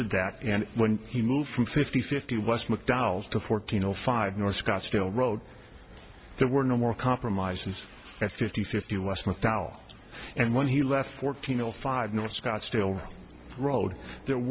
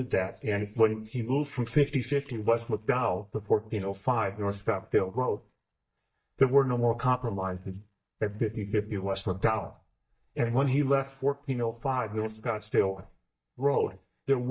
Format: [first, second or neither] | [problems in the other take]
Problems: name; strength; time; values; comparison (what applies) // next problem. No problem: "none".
first | noise reduction (neural mask model DeepFilterNet 3)